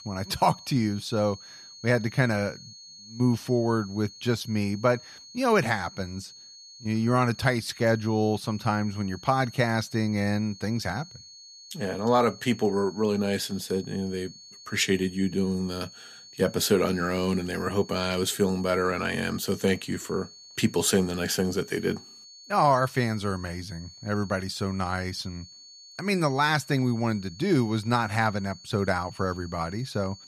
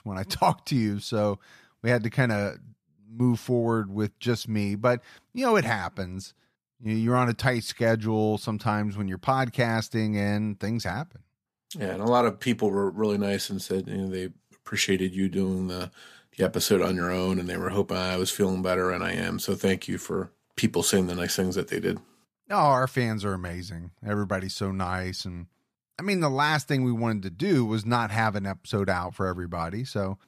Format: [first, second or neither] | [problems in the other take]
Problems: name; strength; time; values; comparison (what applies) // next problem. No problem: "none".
second | high-pitched whine; noticeable; throughout; 4.5 kHz, 20 dB below the speech